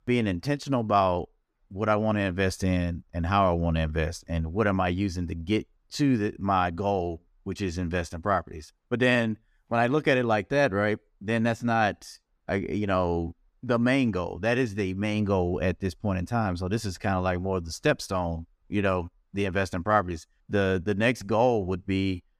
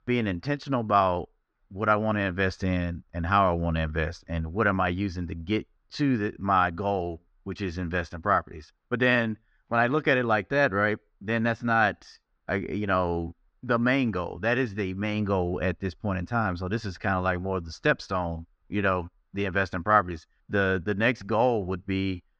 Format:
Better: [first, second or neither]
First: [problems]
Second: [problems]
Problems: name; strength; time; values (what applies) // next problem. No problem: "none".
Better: first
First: none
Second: muffled; very slightly; fading above 5 kHz